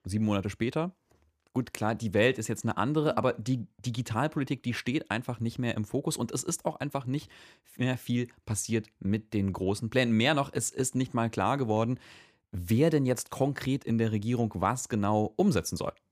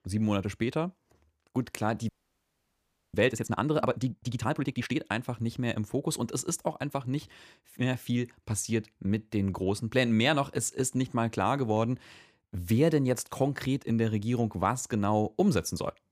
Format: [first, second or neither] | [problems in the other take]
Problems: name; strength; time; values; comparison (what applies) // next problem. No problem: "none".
first | audio freezing; at 2 s for 1 s